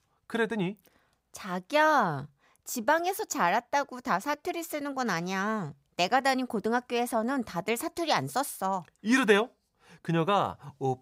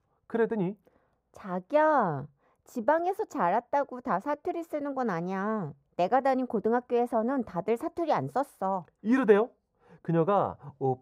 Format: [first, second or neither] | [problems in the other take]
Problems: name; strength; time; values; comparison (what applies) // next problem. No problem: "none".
first | muffled; very; fading above 2 kHz